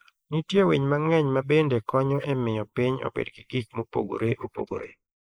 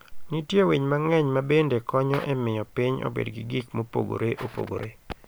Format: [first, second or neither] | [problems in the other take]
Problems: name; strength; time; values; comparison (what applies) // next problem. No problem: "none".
second | noise reduction (neural mask model Resemble Enhance denoiser)